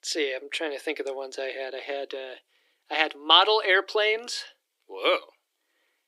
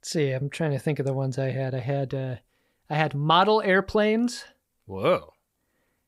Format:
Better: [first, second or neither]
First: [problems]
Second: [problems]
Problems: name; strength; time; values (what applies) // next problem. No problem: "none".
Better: second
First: thin; very; fading below 300 Hz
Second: none